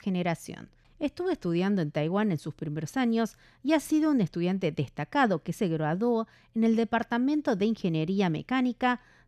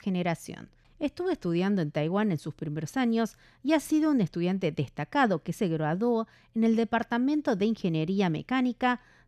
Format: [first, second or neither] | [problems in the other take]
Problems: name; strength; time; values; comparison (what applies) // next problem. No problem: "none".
neither | none